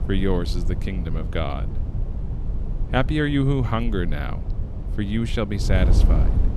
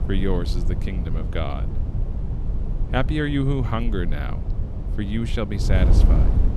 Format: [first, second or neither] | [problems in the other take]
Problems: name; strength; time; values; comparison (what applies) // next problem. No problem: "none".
first | wind noise on the microphone; heavy; 9 dB below the speech; occasional gusts in the first